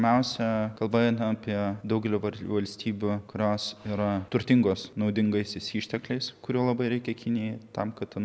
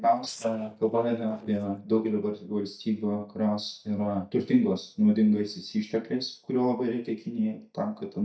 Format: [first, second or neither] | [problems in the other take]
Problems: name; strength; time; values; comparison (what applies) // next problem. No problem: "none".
first | noise reduction (neural mask model DeepFilterNet 3)